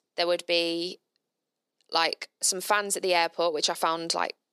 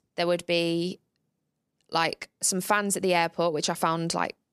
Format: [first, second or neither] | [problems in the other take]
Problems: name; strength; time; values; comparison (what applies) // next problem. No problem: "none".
second | thin; somewhat; fading below 400 Hz